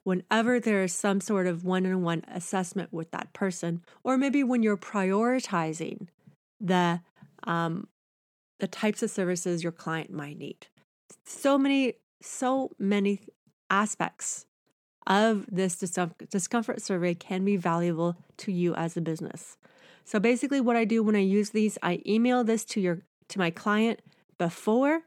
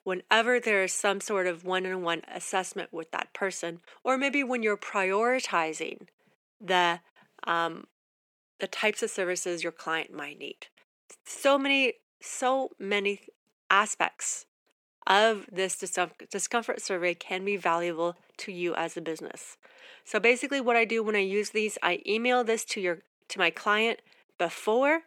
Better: first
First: none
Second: thin; somewhat; fading below 450 Hz

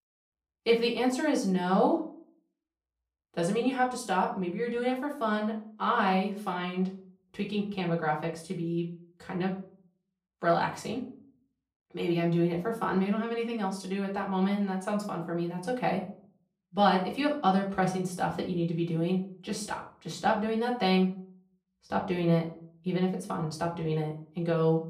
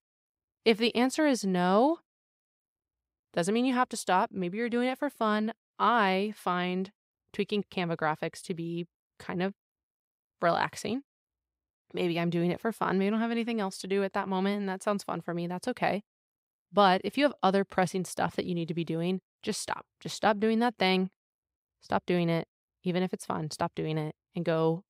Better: second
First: off-mic speech; far // room echo; slight; dies away in 0.4 s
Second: none

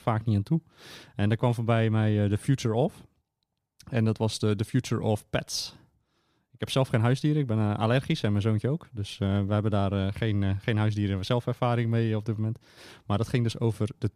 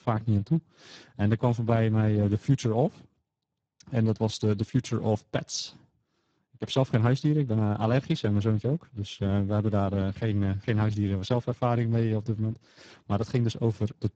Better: first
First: none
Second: garbled, watery; badly

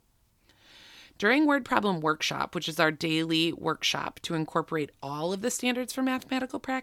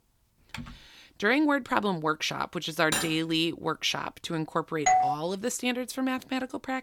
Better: first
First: none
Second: keyboard typing; faint; at 0.5 s; peak 15 dB below the speech // clattering dishes; noticeable; at 3 s; peak 1 dB below the speech // doorbell; loud; at 5 s; peak 5 dB above the speech

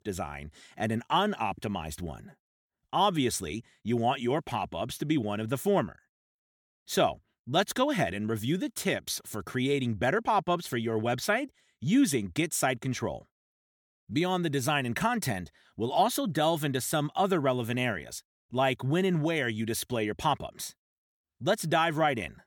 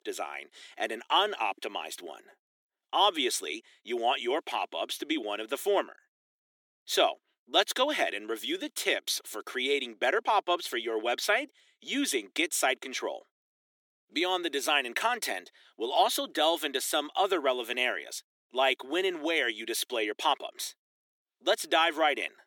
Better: first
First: none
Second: thin; somewhat; fading below 300 Hz

